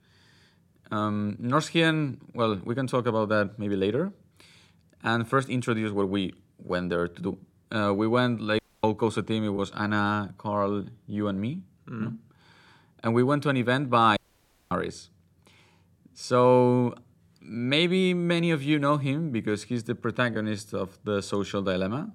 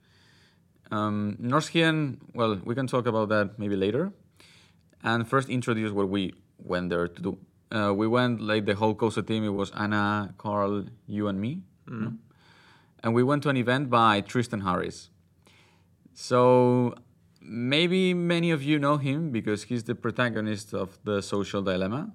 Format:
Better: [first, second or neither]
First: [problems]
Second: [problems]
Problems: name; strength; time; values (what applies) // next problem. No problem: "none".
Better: second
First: audio cutting out; at 8.5 s and at 14 s for 0.5 s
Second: none